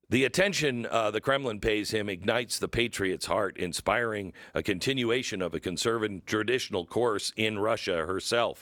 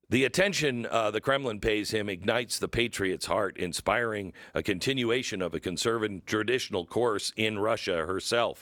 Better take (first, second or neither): neither